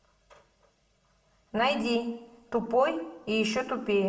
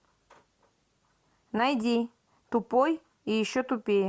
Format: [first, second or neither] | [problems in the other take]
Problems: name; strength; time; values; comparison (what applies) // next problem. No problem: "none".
second | room echo; dies away in 0.6 s